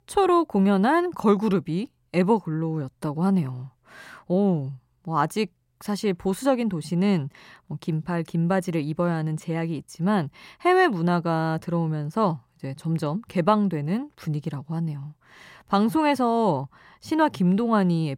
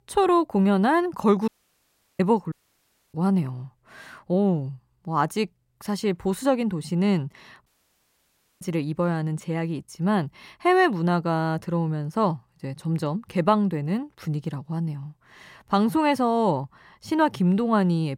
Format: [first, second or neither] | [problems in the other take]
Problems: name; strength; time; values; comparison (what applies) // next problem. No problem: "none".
first | audio cutting out; at 1.5 s for 0.5 s, at 2.5 s for 0.5 s and at 7.5 s for 1 s